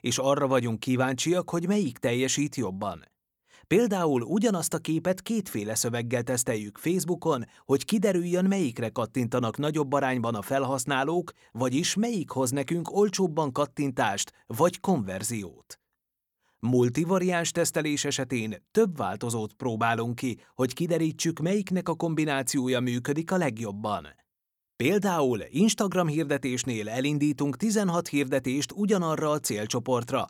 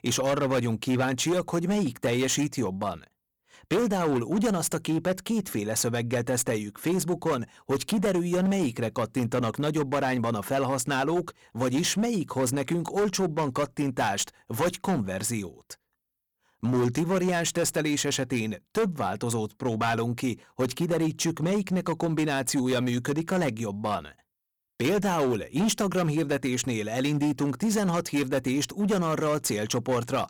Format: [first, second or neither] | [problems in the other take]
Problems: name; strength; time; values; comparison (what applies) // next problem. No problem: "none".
first | distortion; slight; 12% of the sound clipped